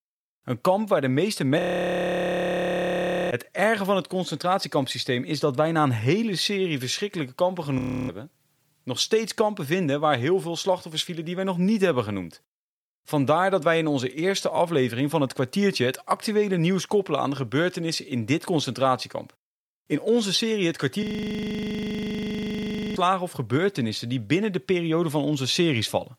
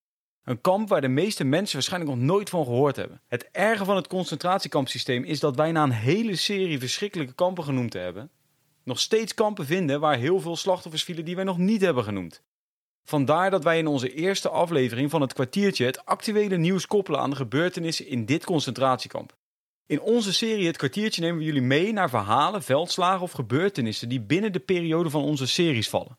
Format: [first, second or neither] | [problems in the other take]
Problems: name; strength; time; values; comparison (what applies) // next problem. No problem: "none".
second | audio freezing; at 1.5 s for 1.5 s, at 8 s and at 21 s for 2 s